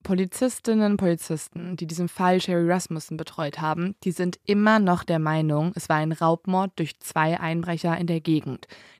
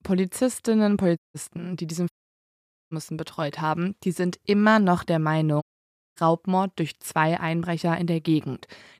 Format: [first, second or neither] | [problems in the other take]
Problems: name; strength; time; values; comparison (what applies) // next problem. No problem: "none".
first | audio cutting out; at 1 s, at 2 s for 1 s and at 5.5 s for 0.5 s